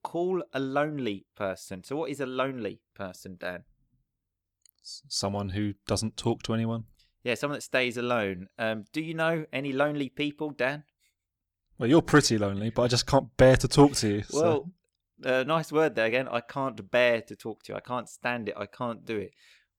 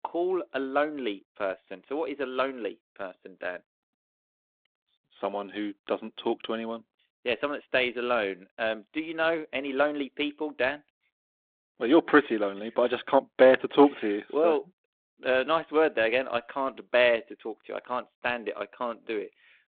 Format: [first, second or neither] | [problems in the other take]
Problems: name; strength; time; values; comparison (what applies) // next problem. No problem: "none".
first | phone-call audio